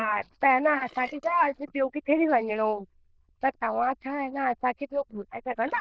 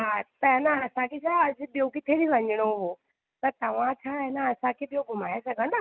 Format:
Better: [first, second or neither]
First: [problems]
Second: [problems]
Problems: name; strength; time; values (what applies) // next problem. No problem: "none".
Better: second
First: noise reduction (neural diffusion model UNIVERSE++)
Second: none